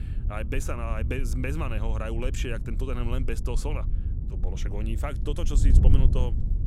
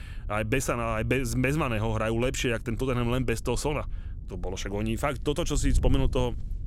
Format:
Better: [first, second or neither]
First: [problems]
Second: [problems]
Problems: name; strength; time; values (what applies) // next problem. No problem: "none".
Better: second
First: wind noise on the microphone; heavy; 9 dB below the speech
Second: wind noise on the microphone; occasional gusts; 25 dB below the speech